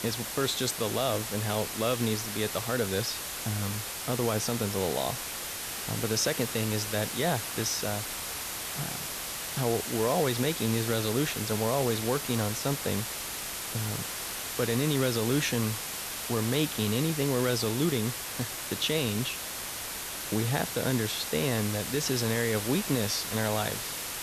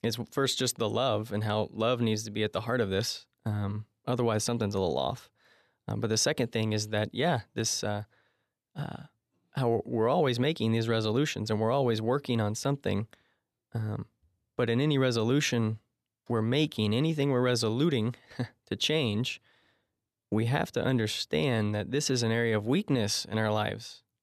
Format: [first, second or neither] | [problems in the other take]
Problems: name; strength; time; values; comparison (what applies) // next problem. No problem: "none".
second | hiss; loud; throughout; 3 dB below the speech